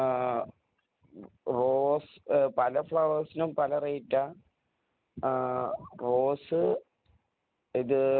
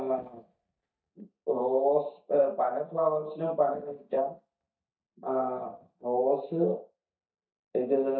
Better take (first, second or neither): first